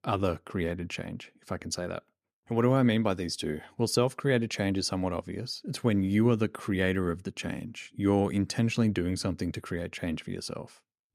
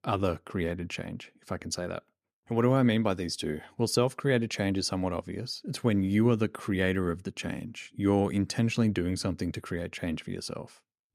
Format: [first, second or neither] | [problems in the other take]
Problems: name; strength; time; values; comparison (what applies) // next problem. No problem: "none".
neither | none